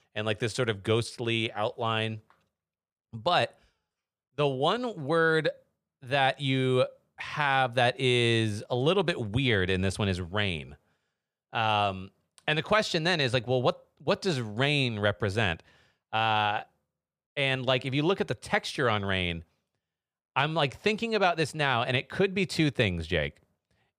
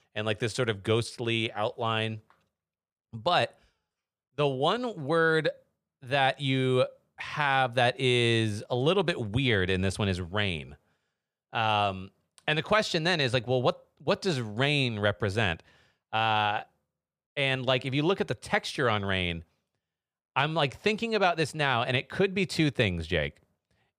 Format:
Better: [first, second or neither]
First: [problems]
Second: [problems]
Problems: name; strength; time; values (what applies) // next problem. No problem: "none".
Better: neither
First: none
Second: none